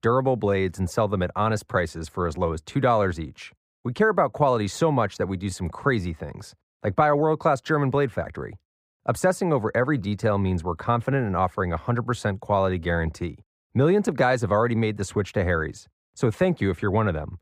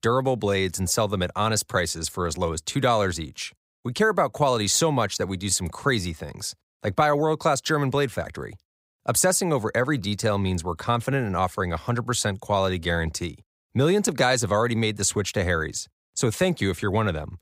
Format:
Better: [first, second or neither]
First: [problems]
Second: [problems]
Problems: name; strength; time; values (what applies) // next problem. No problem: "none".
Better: second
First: muffled; slightly; fading above 3 kHz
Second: none